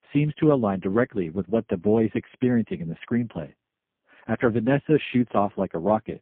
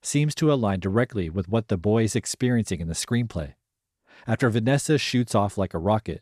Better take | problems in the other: second | phone-call audio; poor line; nothing above 3 kHz

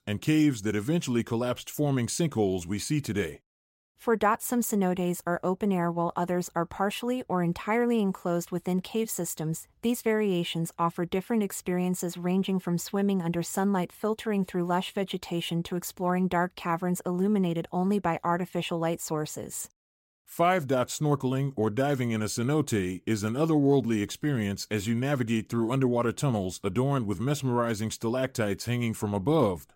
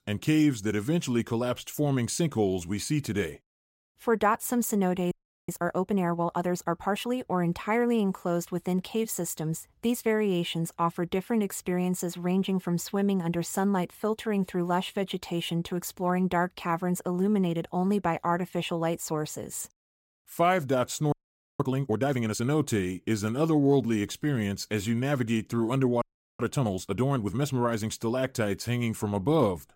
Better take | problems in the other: first | audio freezing; at 5 s, at 21 s and at 26 s

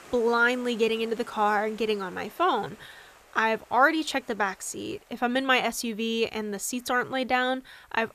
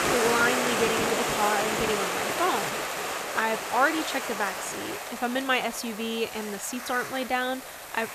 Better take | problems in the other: first | hiss; loud; throughout; 1 dB below the speech; faint in the first

